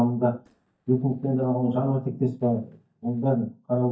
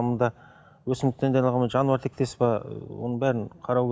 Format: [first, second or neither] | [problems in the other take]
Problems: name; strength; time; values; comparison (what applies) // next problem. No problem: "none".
second | noise reduction (neural mask model DeepFilterNet 3)